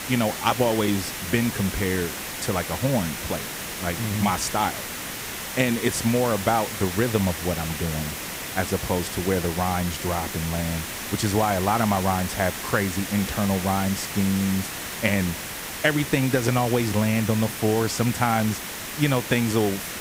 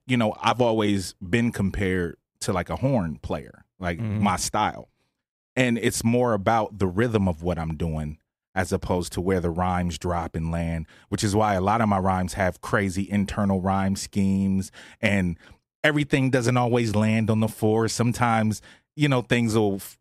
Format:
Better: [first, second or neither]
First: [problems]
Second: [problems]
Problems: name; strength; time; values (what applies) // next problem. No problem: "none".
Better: second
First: hiss; loud; throughout; 6 dB below the speech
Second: none